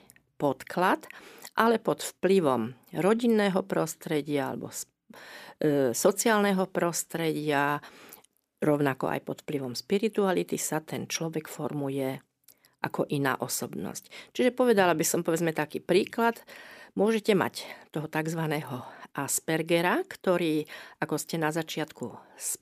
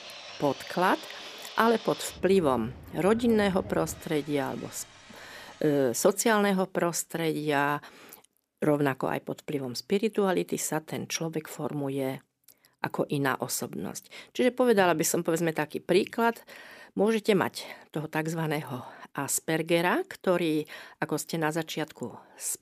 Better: first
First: none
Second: machinery noise; noticeable; until 6 s; 15 dB below the speech

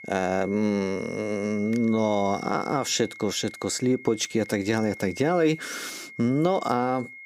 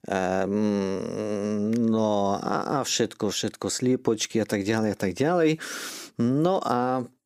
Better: second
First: high-pitched whine; noticeable; throughout; 2 kHz, 15 dB below the speech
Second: none

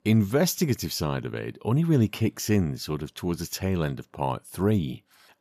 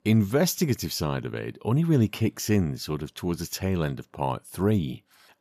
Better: neither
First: none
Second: none

